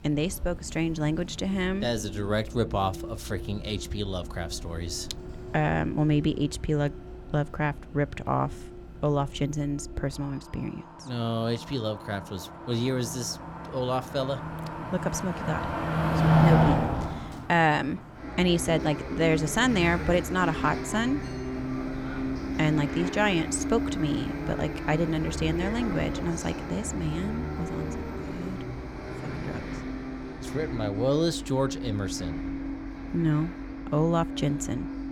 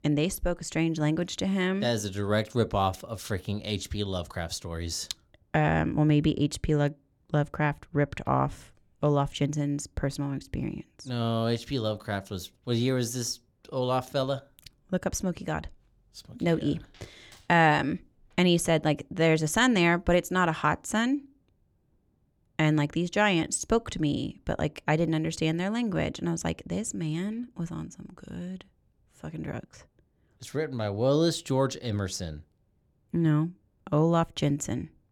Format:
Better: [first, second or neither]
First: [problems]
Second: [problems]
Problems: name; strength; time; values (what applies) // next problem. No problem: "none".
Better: second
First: traffic noise; loud; throughout; 4 dB below the speech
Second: none